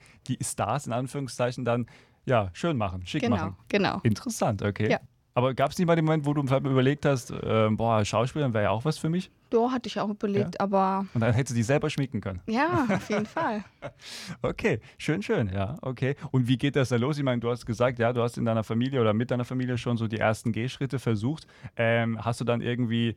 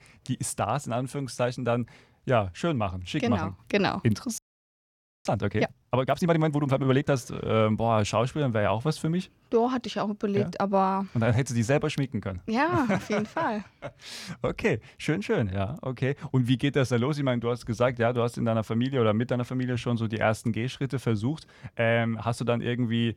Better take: first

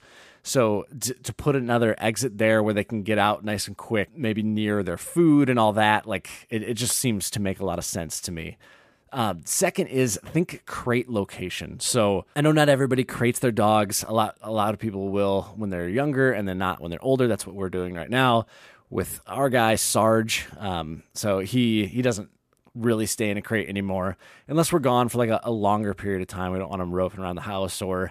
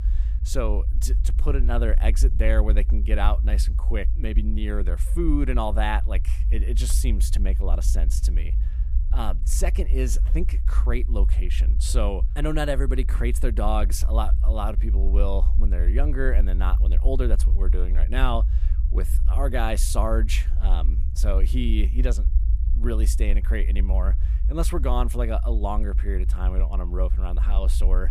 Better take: first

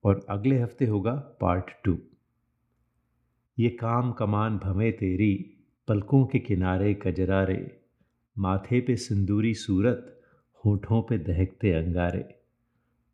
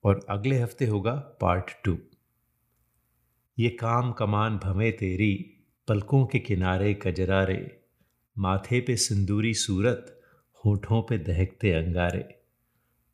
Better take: second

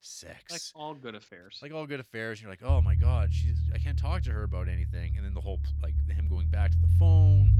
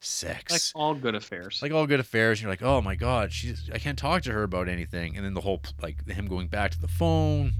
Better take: second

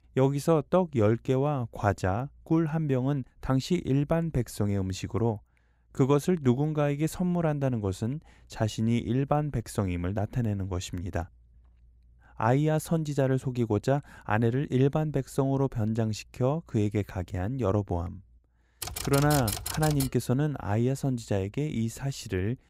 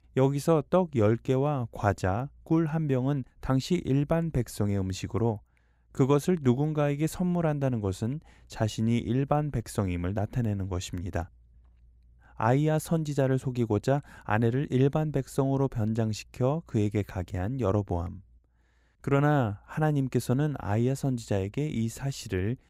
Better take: second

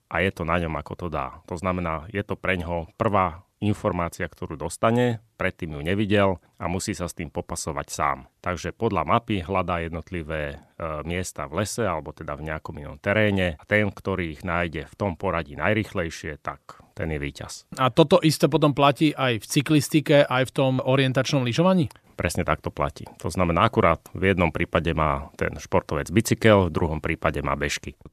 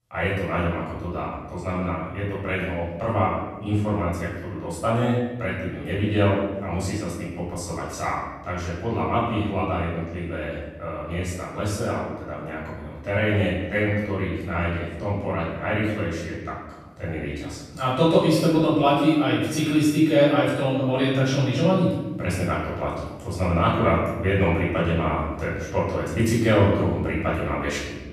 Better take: first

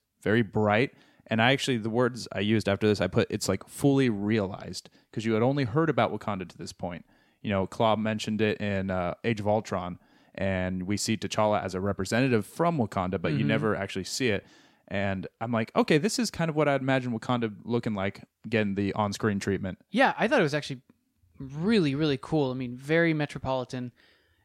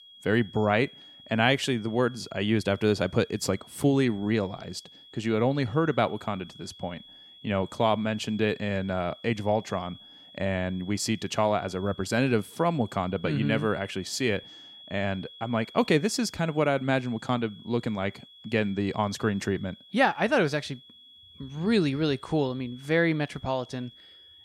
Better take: first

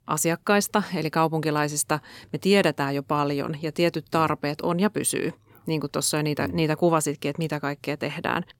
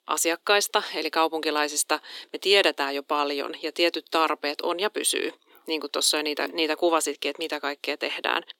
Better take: first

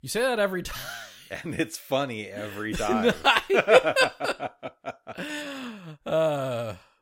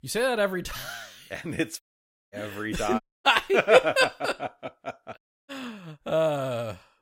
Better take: first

